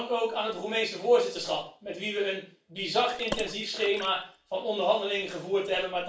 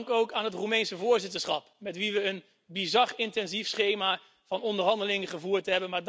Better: second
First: background sound (Water / Splash, splatter); 12 dB below the speech // room echo; dies away in 0.3 s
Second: none

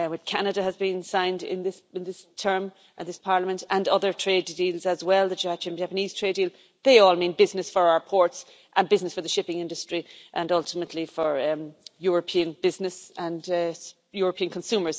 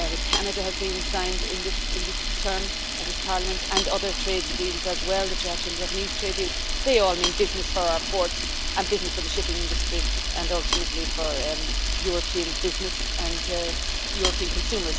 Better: first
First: none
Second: background sound (Camera); 3 dB above the speech

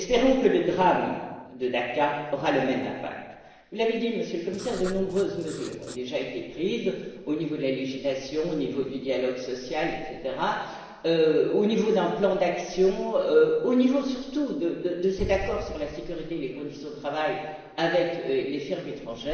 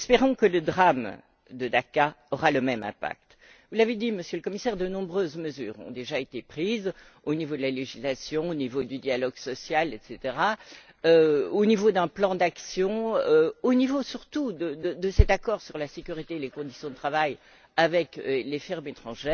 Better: second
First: noise reduction (neural separator model SepFormer DNS4)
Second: none

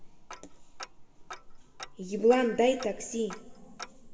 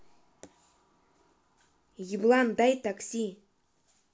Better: second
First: background sound (Tick-tock); 15 dB below the speech // room echo; dies away in 2.6 s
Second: none

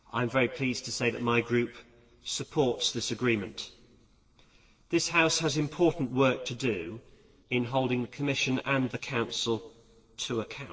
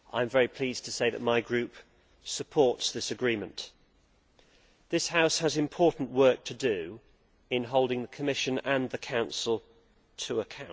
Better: second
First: noise reduction (neural separator model SepFormer DNS4)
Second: none

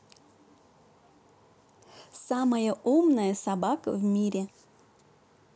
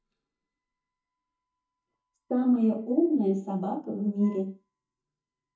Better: first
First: none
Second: noise reduction (neural mask model DeepFilterNet 3)

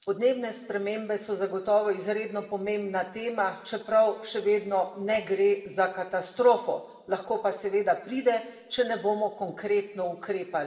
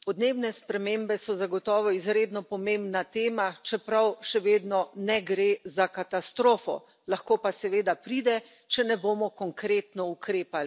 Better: second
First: room echo; dies away in 2.3 s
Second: none

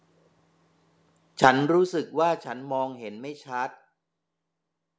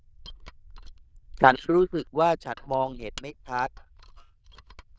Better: first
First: none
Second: noise reduction (neural diffusion model UNIVERSE++)

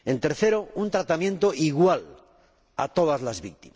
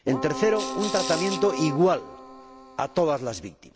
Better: first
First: none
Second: background sound (Keyboard (musical) + Rattle / Rattle (instrument)); 7 dB below the speech

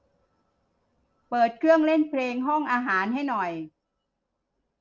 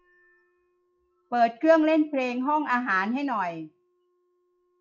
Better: first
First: none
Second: noise reduction (classical method log-MMSE)

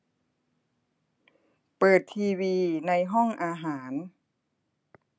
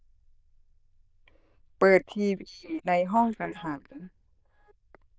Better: first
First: none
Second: noise reduction (neural diffusion model UNIVERSE++)

